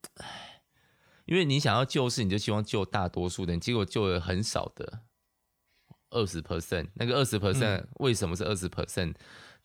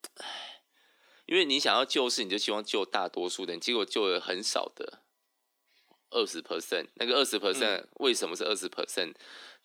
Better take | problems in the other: first | thin; somewhat; fading below 250 Hz

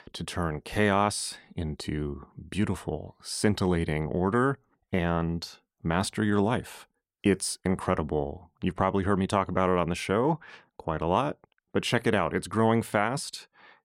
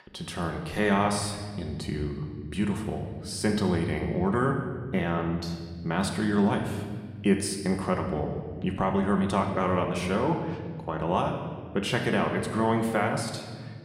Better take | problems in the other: first | room echo; noticeable; dies away in 1.6 s

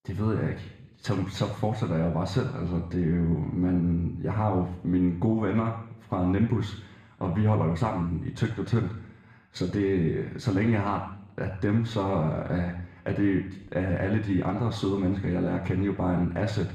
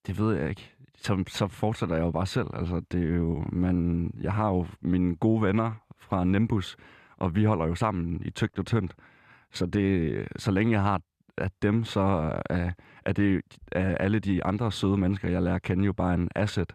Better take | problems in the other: second | room echo; slight; dies away in 0.7 s // off-mic speech; somewhat distant

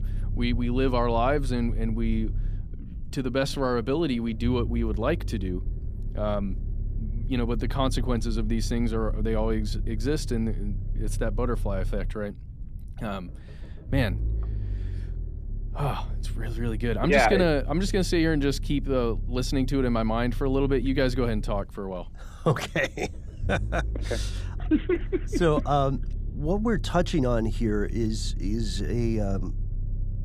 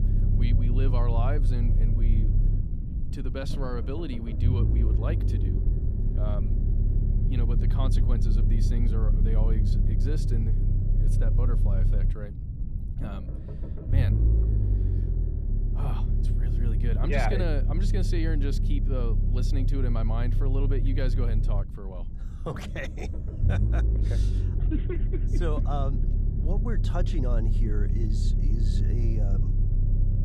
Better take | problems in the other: first | low rumble; loud; throughout; 4 dB below the speech; faint in the first

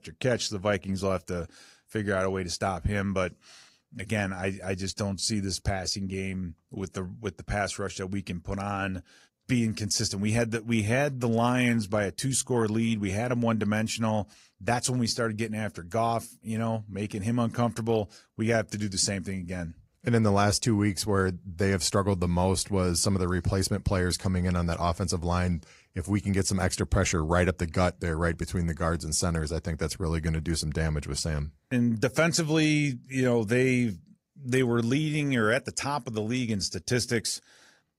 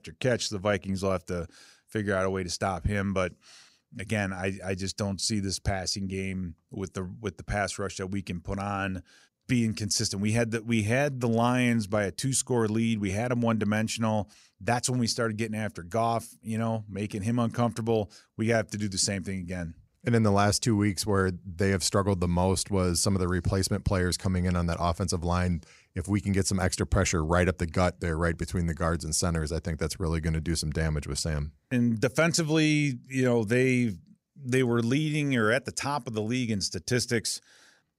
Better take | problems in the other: second | garbled, watery; slightly

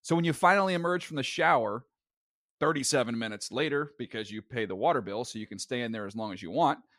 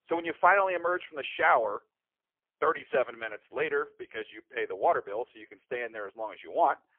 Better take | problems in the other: first | phone-call audio; poor line; nothing above 3.5 kHz

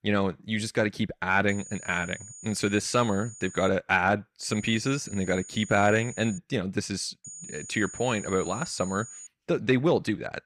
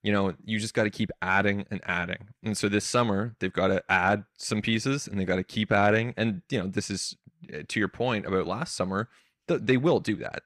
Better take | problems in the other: second | high-pitched whine; noticeable; from 1.5 to 3.5 s, from 4.5 to 6.5 s and from 7.5 to 9.5 s; 7 kHz, 15 dB below the speech

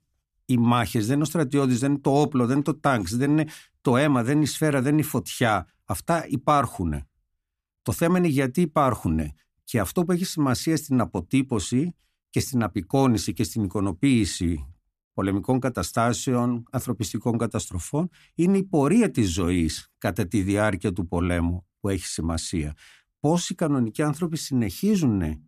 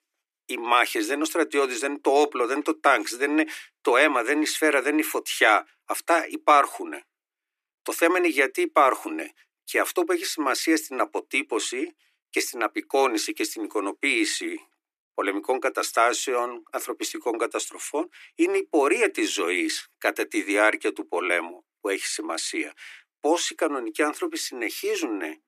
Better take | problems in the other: first | thin; very; fading below 300 Hz

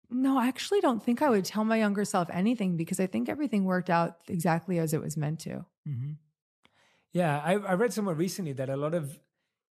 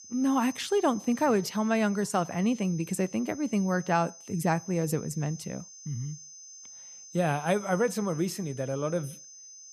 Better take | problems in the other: first | high-pitched whine; noticeable; throughout; 6 kHz, 15 dB below the speech

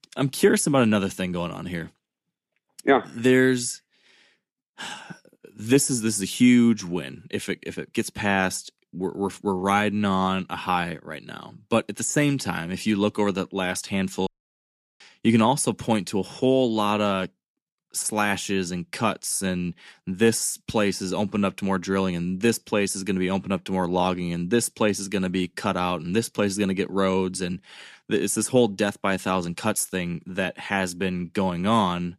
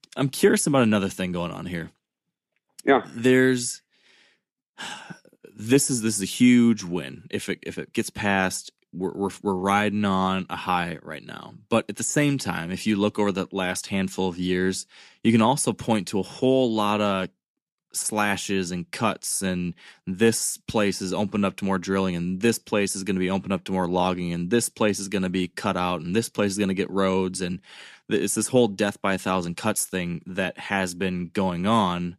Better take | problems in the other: second | audio cutting out; at 14 s for 0.5 s

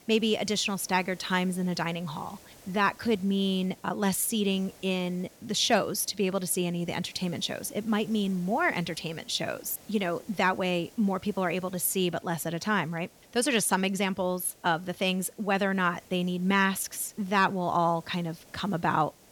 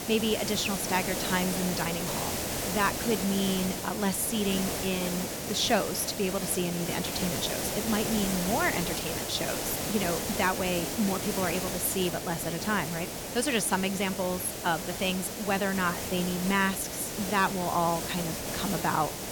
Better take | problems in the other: first | hiss; loud; throughout; 2 dB below the speech; faint in the first

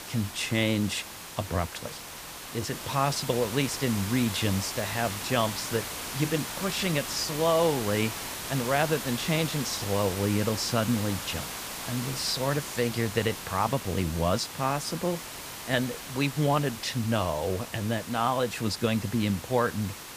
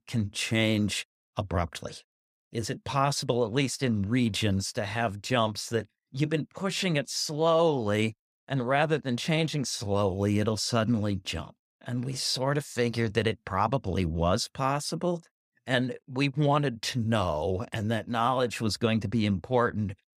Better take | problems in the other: second | hiss; loud; throughout; 7 dB below the speech

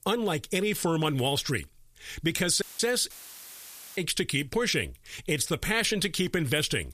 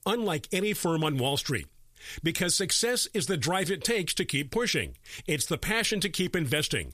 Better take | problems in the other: second | audio cutting out; filled with static; at 2.5 s and at 3 s for 1 s

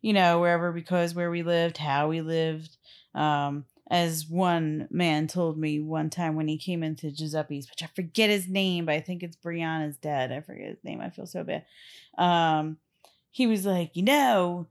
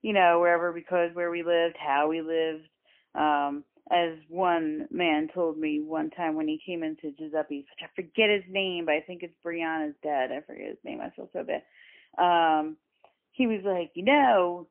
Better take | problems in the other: first | phone-call audio; poor line; nothing above 3 kHz

